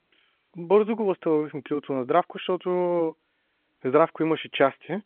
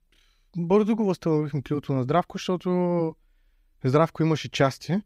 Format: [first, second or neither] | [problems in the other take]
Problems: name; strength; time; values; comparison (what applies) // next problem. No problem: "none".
second | phone-call audio